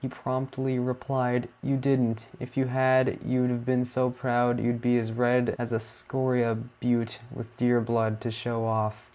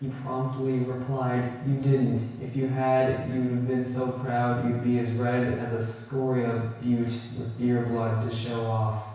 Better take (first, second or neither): first